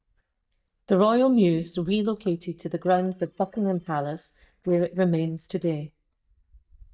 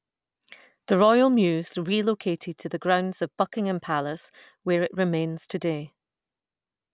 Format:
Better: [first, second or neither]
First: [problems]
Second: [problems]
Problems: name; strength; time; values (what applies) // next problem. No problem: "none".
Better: second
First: noise reduction (neural mask model DeepFilterNet 3)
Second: none